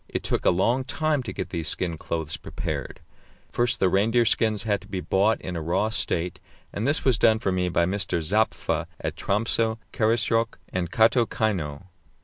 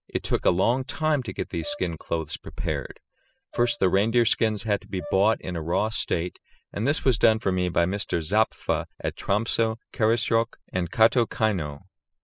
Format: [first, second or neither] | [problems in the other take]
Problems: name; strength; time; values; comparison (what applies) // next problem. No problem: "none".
first | noise reduction (classical method spectral subtraction)